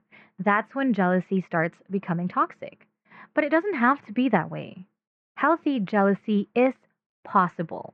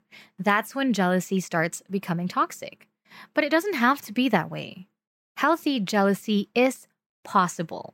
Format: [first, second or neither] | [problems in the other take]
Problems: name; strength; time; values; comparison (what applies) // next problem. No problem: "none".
second | muffled; very; fading above 2 kHz